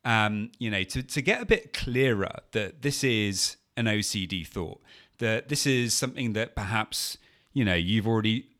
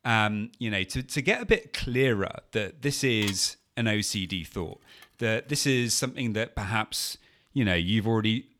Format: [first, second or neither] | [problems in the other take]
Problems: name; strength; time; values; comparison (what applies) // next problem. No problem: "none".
first | clattering dishes; noticeable; from 3 to 5 s; peak 9 dB below the speech